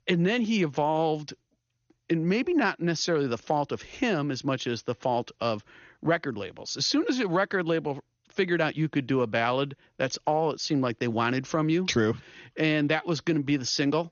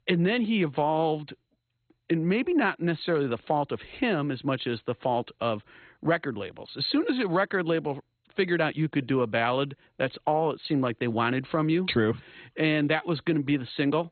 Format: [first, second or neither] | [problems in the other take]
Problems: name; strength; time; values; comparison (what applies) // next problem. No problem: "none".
first | garbled, watery; badly; nothing above 4 kHz; slightly in the first